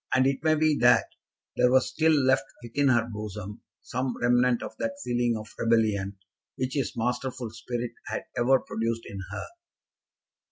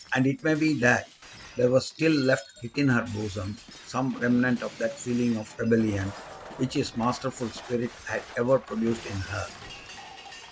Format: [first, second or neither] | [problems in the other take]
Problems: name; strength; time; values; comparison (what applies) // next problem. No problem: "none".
first | background sound (Shatter); 18 dB below the speech